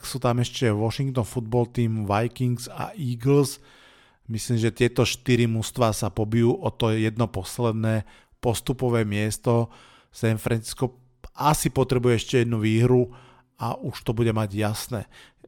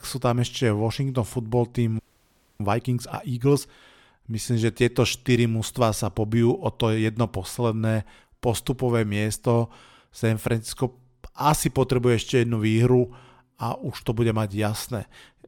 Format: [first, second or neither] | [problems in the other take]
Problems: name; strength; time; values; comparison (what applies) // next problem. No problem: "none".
first | audio freezing; at 2 s for 0.5 s